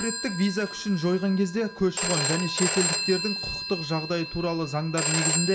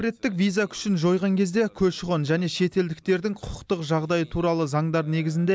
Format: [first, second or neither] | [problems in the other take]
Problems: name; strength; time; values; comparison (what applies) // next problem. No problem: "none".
second | background sound (Telephone); 3 dB below the speech // room echo; dies away in 0.8 s